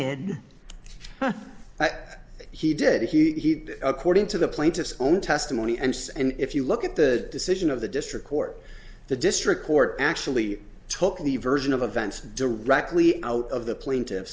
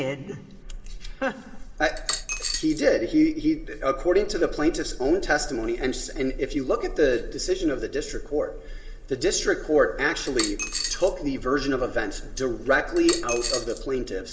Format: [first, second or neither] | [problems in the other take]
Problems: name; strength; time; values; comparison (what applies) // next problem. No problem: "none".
first | background sound (Coin (dropping)); 7 dB below the speech // room echo; dies away in 2.7 s